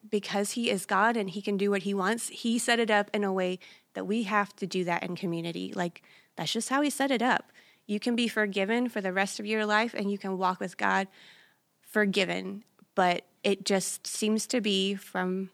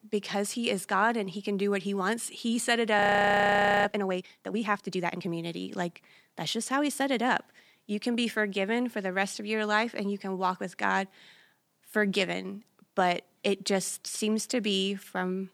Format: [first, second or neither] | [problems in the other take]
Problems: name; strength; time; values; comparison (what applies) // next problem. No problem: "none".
first | audio freezing; at 3 s for 1 s